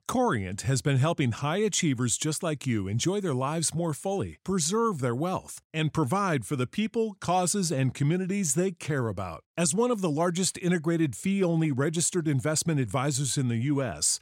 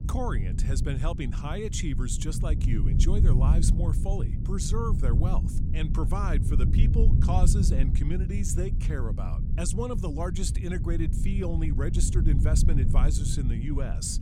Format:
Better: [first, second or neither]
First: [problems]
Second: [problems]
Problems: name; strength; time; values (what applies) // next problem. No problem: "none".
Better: first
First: none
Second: low rumble; loud; throughout; 5 dB below the speech